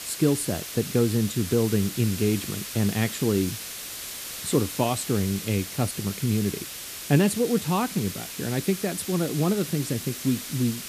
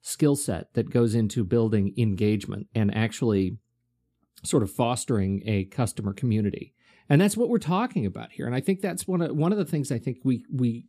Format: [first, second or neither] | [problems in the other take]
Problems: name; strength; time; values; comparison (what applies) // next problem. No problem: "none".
second | hiss; loud; throughout; 8 dB below the speech